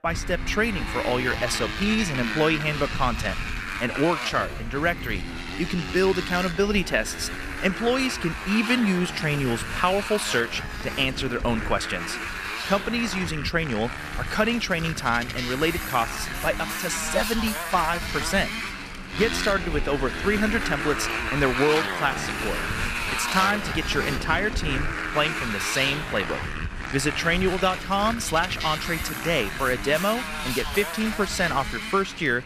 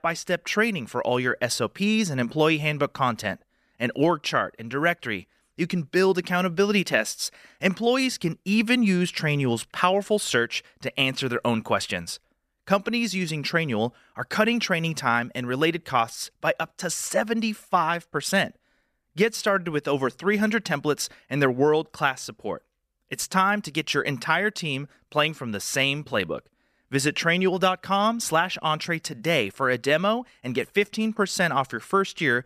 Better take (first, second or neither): second